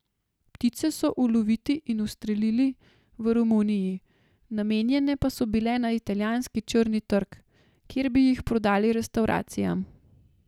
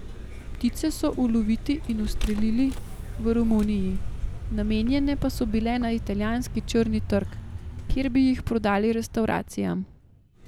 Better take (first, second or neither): first